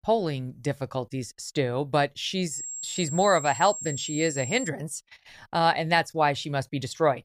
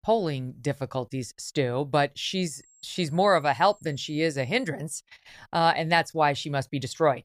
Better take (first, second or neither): second